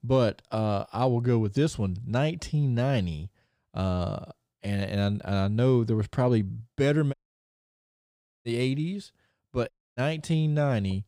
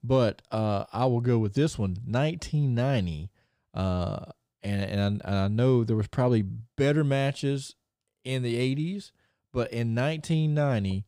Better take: second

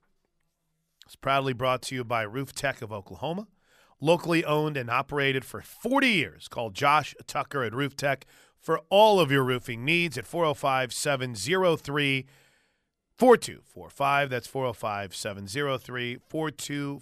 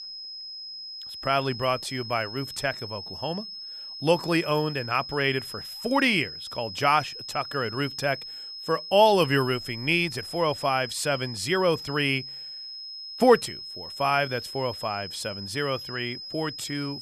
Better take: first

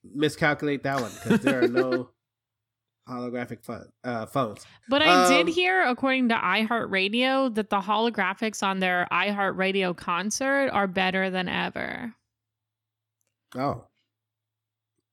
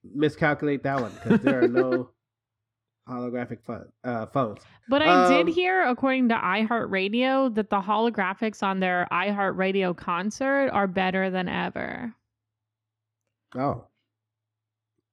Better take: first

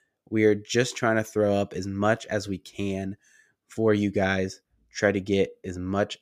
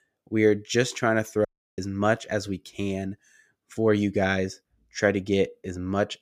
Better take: first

